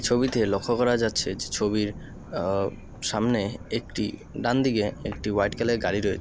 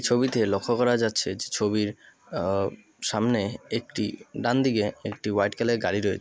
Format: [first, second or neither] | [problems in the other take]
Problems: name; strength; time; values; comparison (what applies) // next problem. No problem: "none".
second | background sound (Thunder); 15 dB below the speech